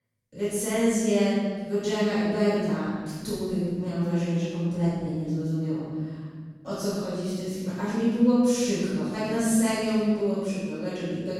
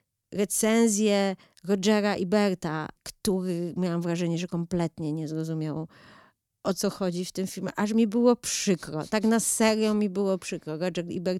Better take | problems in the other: second | off-mic speech; far // room echo; strong; dies away in 1.8 s

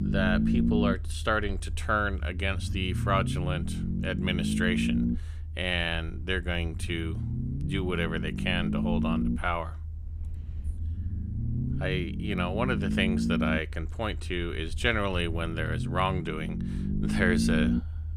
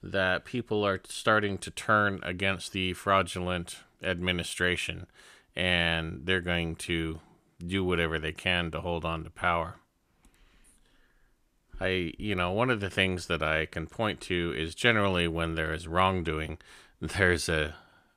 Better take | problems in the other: second | low rumble; loud; throughout; 7 dB below the speech

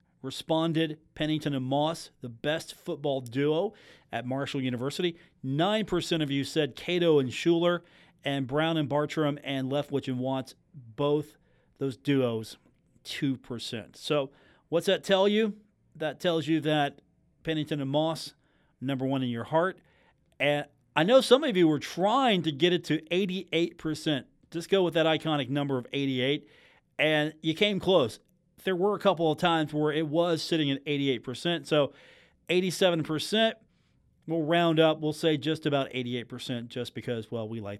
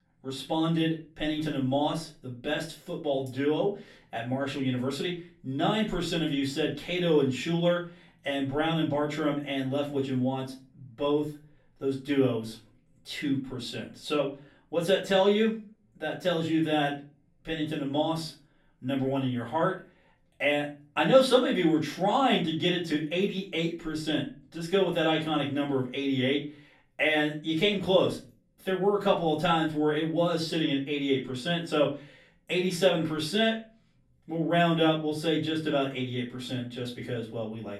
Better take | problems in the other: first | room echo; slight; dies away in 0.3 s // off-mic speech; far

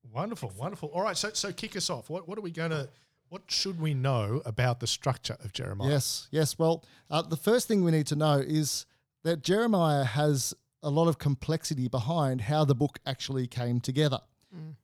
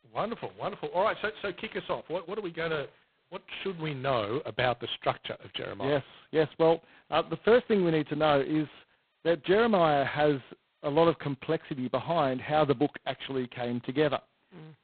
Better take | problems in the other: first | phone-call audio; poor line; nothing above 4 kHz

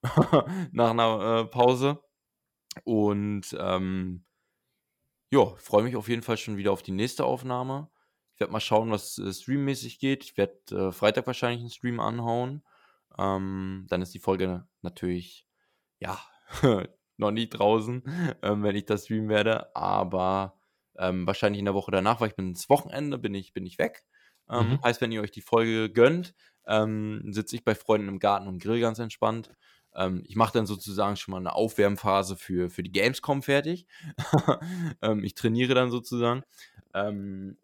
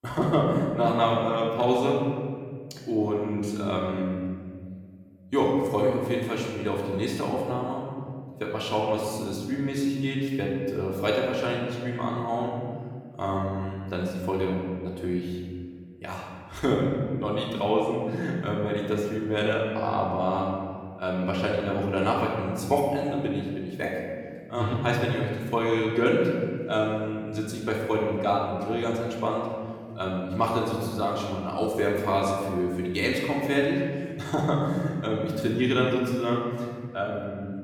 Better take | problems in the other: first | room echo; noticeable; dies away in 1.9 s // off-mic speech; far

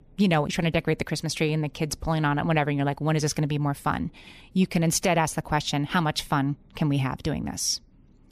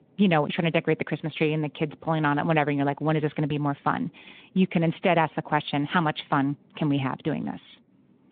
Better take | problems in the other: first | phone-call audio; nothing above 3.5 kHz

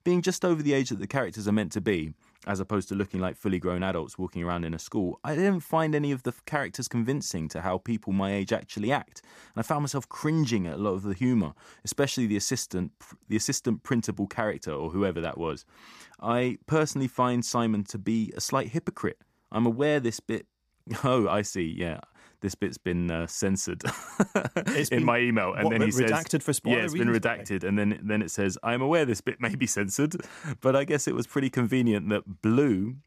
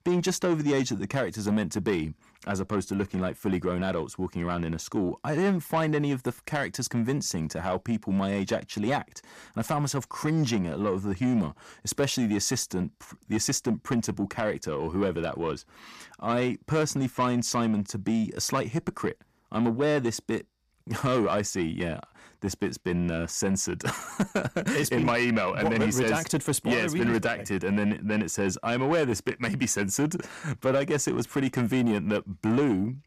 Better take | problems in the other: first | distortion; slight; 10 dB below the speech

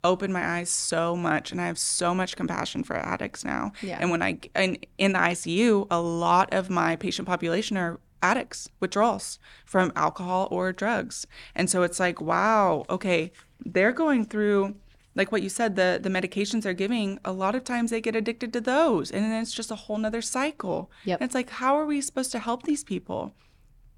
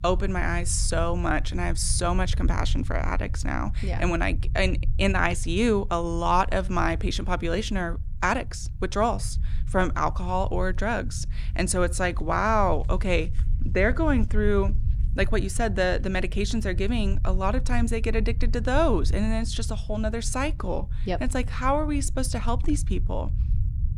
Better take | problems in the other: first | low rumble; faint; throughout; 20 dB below the speech

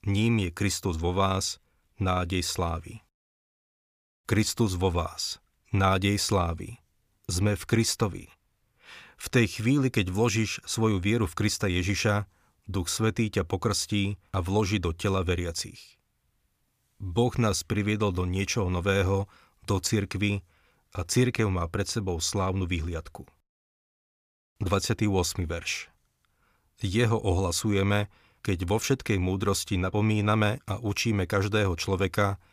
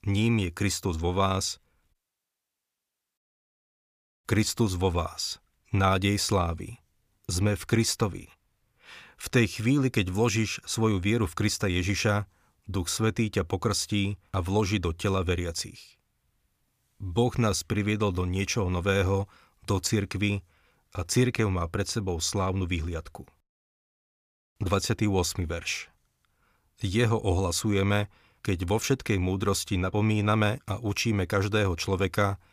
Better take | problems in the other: first | audio cutting out; at 2 s for 1 s

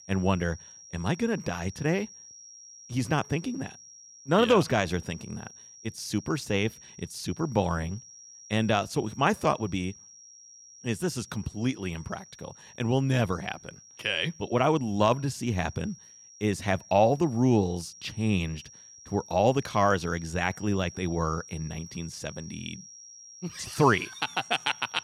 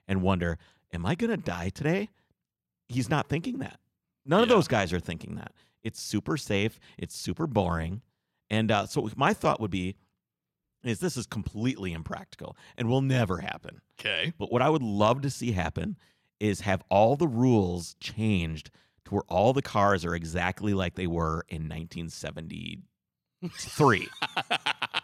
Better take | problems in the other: second | high-pitched whine; noticeable; throughout; 5.5 kHz, 20 dB below the speech

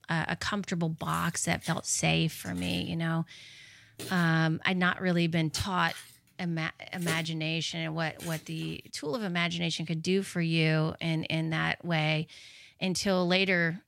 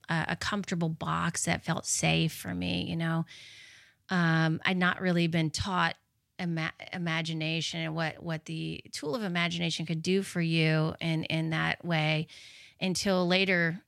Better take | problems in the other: second | jangling keys; noticeable; from 1 to 8.5 s; peak 8 dB below the speech

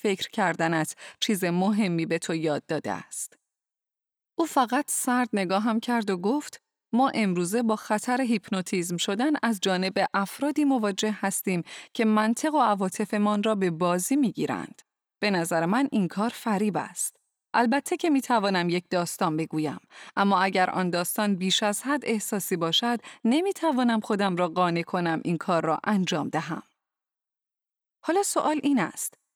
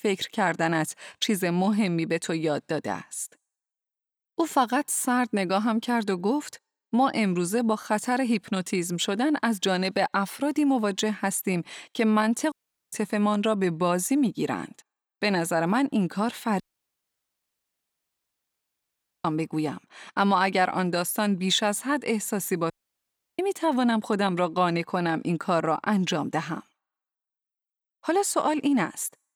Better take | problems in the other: first | audio cutting out; at 13 s, at 17 s for 2.5 s and at 23 s for 0.5 s

